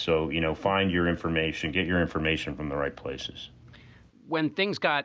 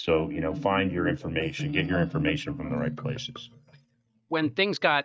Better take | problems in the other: first | noise reduction (neural mask model DeepFilterNet 3)

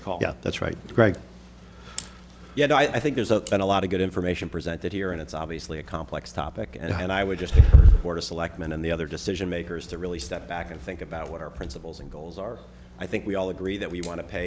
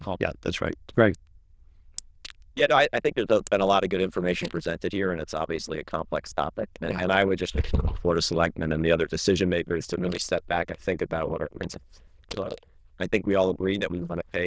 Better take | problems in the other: first | noise reduction (neural diffusion model UNIVERSE++)

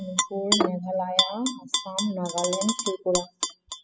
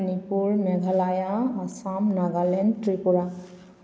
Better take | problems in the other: second | noise reduction (classical method spectral subtraction)

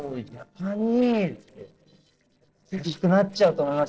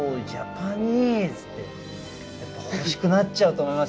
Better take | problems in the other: second | noise reduction (neural separator model SepFormer DNS4)

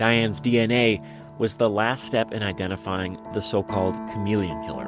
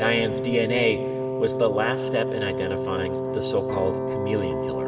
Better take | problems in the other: first | background sound (Wind instrument, woodwind instrument); 1 dB below the speech // room echo; dies away in 2.1 s

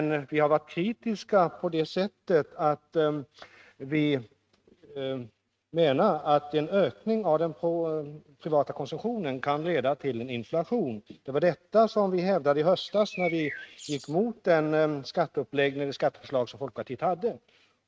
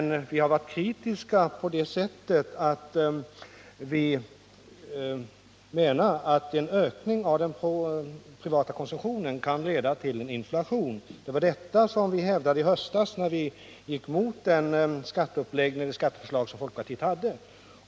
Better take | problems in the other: second | noise reduction (neural mask model RNNoise)

